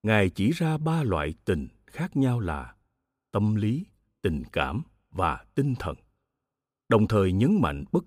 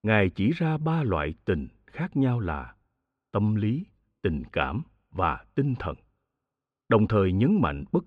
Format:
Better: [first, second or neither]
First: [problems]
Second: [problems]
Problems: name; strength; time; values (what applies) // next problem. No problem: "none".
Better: first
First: none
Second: muffled; slightly; fading above 2.5 kHz